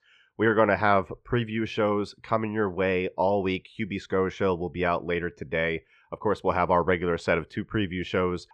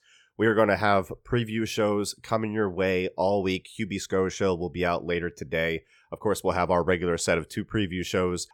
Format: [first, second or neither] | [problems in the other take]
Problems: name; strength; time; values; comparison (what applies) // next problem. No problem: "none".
second | muffled; slightly; fading above 2.5 kHz